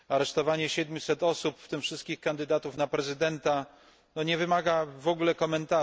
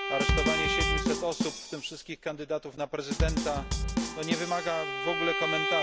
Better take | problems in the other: first | background sound (Bowed string instrument + Drum kit); 3 dB above the speech

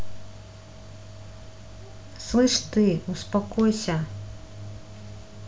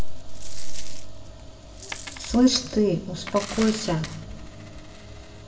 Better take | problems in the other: first | background sound (Coin (dropping)); 18 dB below the speech // room echo; dies away in 2 s

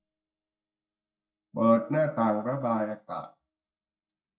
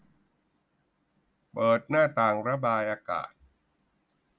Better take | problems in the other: second | noise reduction (neural mask model DeepFilterNet 3)

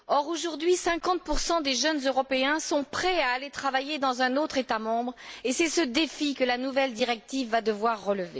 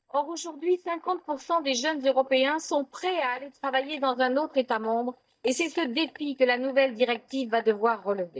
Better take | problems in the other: first | noise reduction (neural mask model DeepFilterNet 3)

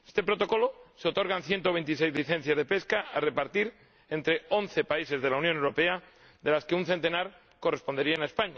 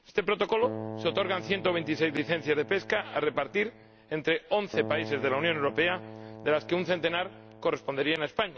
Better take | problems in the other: first | background sound (Keyboard (musical)); 12 dB below the speech

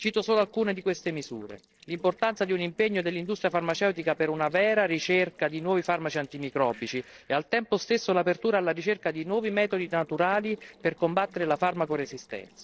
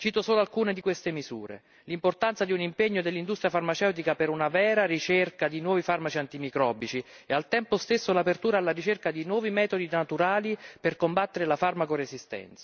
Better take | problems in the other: second | noise reduction (neural separator model SepFormer DNS4)

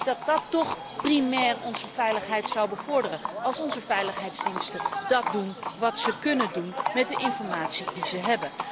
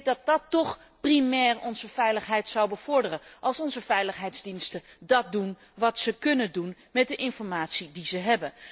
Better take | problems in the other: second | background sound (Livestock, farm animals, working animals); 5 dB below the speech

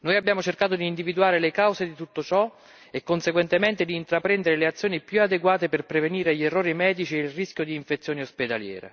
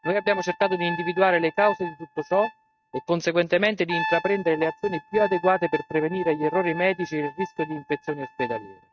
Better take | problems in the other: first | noise reduction (neural mask model RNNoise)

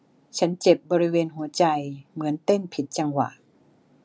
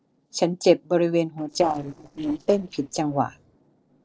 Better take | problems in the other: first | noise reduction (neural separator model SepFormer DNS4)

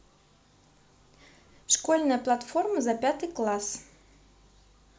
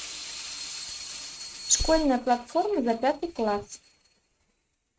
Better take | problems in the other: first | noise reduction (neural mask model RNNoise)

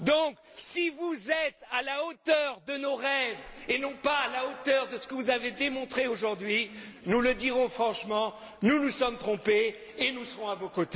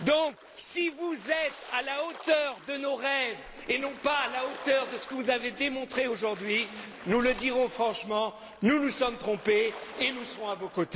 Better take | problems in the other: first | background sound (Splash, splatter); 18 dB below the speech

